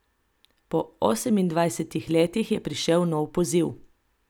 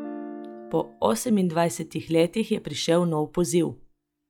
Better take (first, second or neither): first